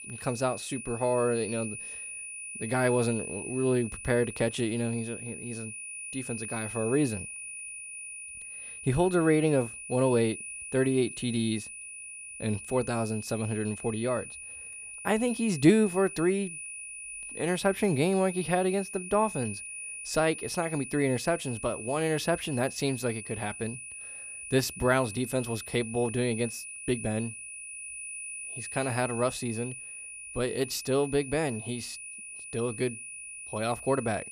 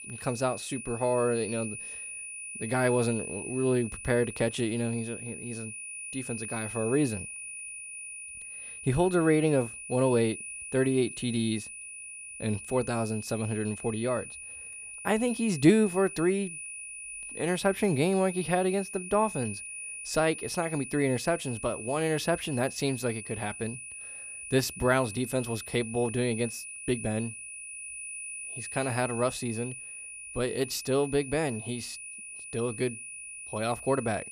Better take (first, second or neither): neither